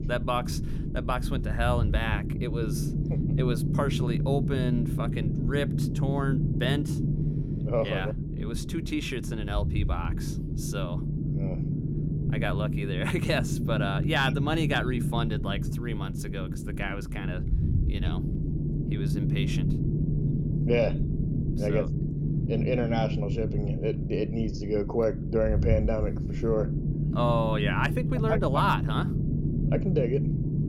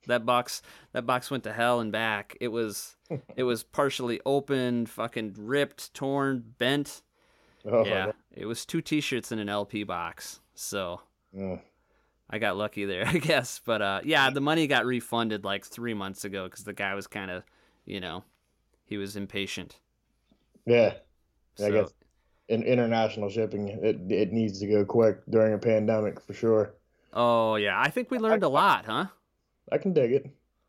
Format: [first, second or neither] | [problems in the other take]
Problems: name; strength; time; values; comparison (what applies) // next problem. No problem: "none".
second | low rumble; loud; throughout; 7 dB below the speech